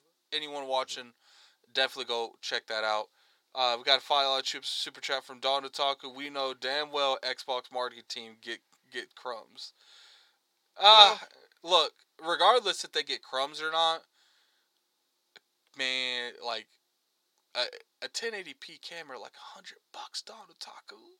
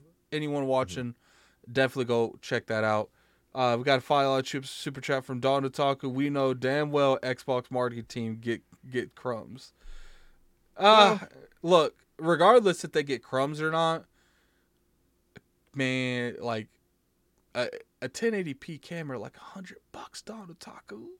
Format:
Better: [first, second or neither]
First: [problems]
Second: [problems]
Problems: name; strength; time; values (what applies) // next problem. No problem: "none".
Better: second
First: thin; very; fading below 600 Hz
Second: none